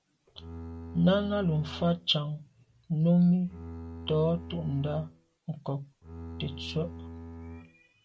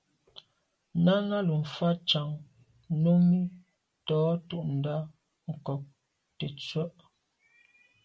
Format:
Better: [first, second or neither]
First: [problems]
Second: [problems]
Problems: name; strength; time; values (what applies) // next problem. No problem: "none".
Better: second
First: background sound (Bowed string instrument); 13 dB below the speech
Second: none